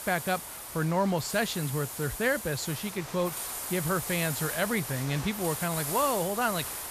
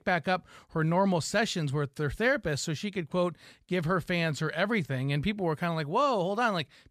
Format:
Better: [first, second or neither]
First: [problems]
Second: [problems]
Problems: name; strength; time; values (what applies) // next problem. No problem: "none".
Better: second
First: hiss; loud; throughout; 5 dB below the speech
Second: none